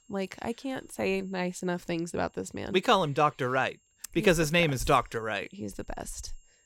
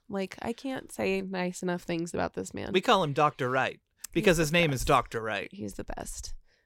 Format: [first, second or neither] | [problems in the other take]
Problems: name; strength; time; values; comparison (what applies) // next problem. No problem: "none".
second | high-pitched whine; faint; throughout; 7.5 kHz, 35 dB below the speech